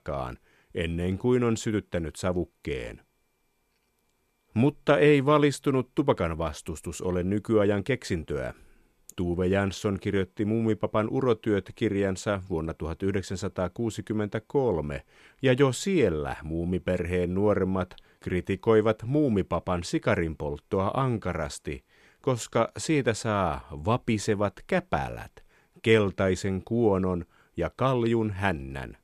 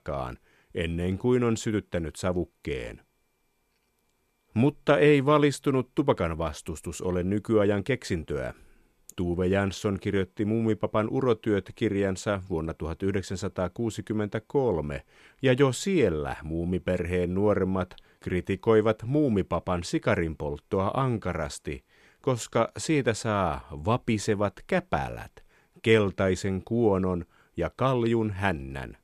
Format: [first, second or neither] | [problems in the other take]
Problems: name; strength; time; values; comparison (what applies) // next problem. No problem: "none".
neither | none